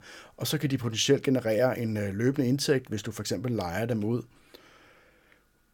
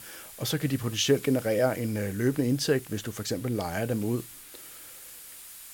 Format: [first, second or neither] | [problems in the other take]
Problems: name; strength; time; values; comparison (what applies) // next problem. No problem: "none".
first | hiss; noticeable; throughout; 15 dB below the speech